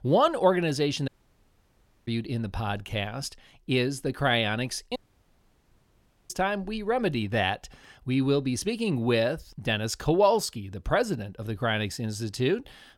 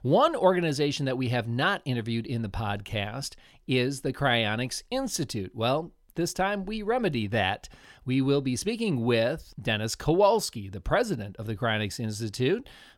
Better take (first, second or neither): second